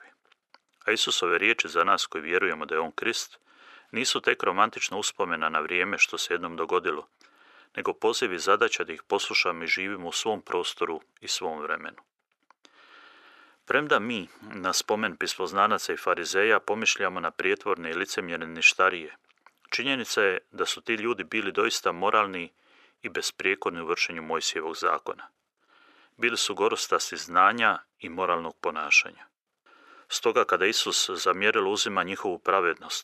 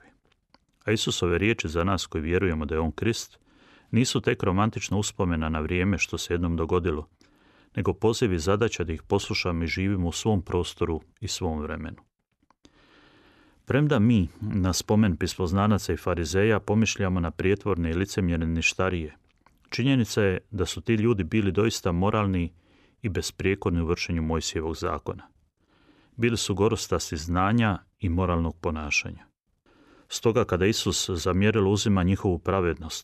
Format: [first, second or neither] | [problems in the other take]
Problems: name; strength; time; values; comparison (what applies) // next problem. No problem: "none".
second | thin; very; fading below 500 Hz